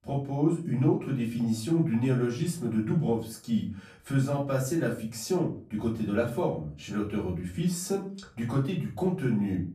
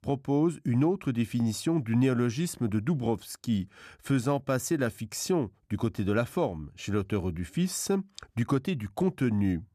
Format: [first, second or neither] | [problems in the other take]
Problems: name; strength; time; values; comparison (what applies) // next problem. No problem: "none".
second | room echo; slight; dies away in 0.3 s // off-mic speech; far